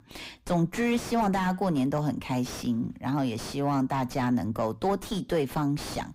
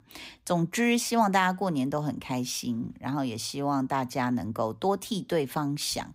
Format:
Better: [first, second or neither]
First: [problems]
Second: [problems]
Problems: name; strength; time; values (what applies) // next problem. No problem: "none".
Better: second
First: distortion; heavy; 5 dB below the speech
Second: none